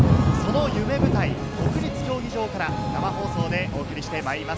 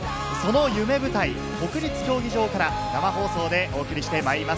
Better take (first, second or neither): second